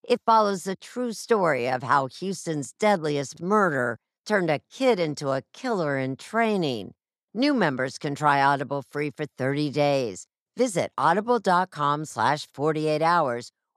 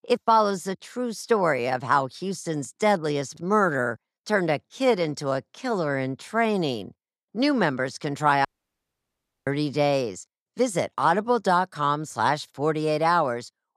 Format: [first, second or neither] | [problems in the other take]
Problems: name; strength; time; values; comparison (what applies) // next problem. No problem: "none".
first | audio cutting out; at 8.5 s for 1 s